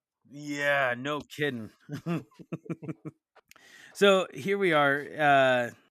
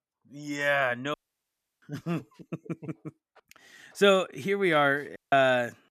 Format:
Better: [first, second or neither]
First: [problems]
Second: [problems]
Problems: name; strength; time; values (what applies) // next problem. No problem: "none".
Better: first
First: none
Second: audio cutting out; at 1 s for 0.5 s and at 5 s